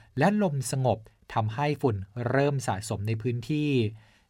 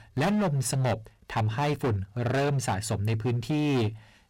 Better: first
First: none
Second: distortion; heavy; 19% of the sound clipped

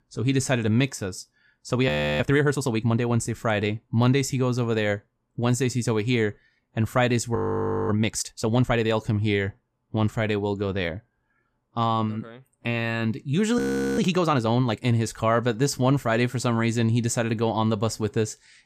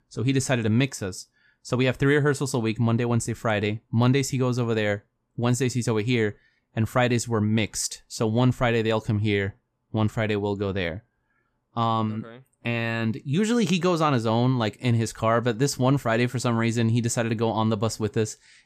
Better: second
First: audio freezing; at 2 s, at 7.5 s for 0.5 s and at 14 s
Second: none

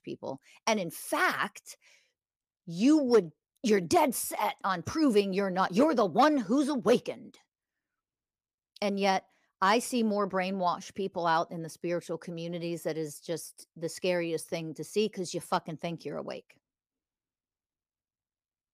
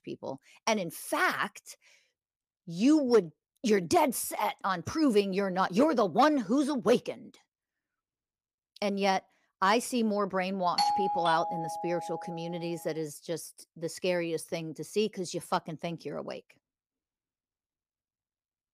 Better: first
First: none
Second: doorbell; loud; from 11 to 12 s; peak 2 dB above the speech

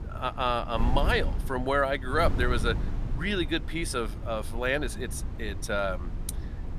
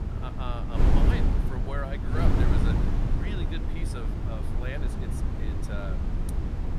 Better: first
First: wind noise on the microphone; occasional gusts; 15 dB below the speech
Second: wind noise on the microphone; heavy; 1 dB above the speech

